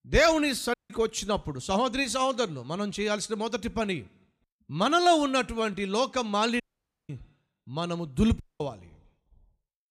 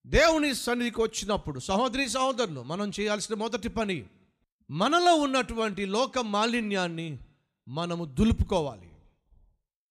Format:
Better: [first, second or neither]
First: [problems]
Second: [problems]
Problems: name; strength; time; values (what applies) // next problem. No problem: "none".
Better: second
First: audio cutting out; at 0.5 s, at 6.5 s and at 8.5 s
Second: none